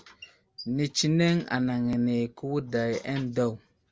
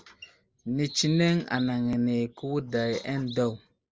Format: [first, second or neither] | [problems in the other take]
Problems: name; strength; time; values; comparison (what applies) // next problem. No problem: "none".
first | noise reduction (neural mask model Resemble Enhance denoiser)